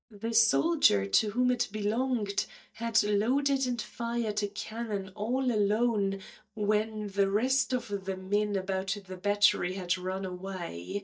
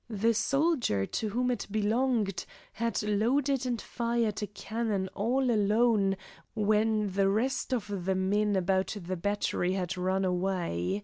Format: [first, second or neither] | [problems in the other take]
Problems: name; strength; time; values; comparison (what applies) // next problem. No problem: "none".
second | noise reduction (neural mask model DeepFilterNet 3)